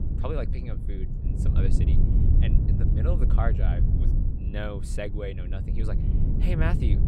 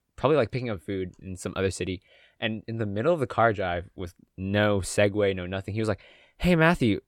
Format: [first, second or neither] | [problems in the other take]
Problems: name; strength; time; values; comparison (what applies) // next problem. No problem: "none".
second | low rumble; loud; throughout; 3 dB below the speech